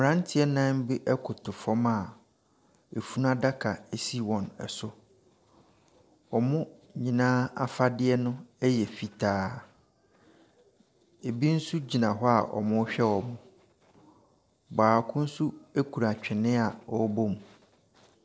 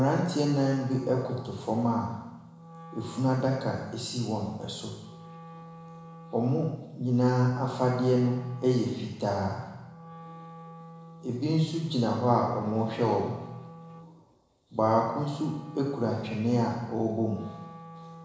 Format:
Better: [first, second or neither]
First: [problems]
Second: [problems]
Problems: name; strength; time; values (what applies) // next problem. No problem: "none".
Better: first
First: none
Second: background sound (Wind instrument, woodwind instrument); 18 dB below the speech // room echo; dies away in 1 s